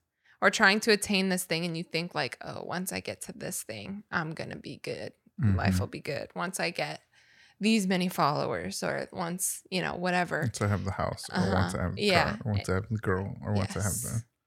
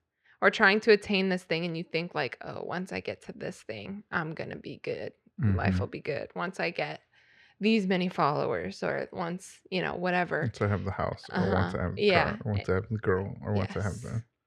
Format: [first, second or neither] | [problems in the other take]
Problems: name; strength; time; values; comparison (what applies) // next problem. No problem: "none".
first | muffled; very slightly; fading above 3 kHz